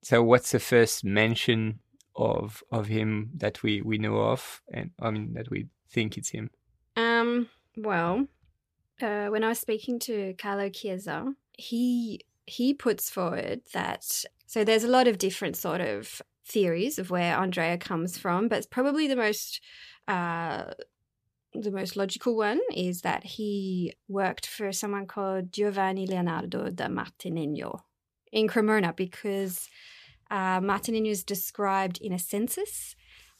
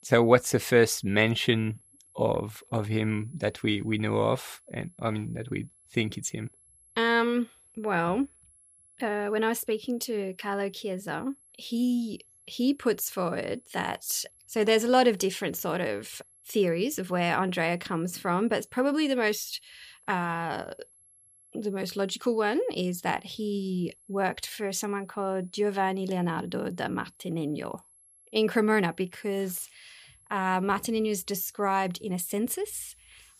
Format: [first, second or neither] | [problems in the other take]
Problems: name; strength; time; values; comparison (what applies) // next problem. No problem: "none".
first | high-pitched whine; faint; throughout; 11 kHz, 30 dB below the speech